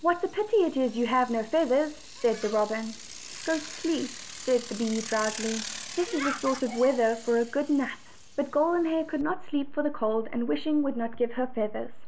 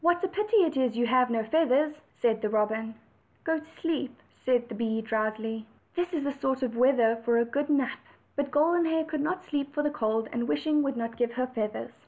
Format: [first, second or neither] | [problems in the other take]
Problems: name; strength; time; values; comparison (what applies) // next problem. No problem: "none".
second | background sound (Bicycle); 11 dB below the speech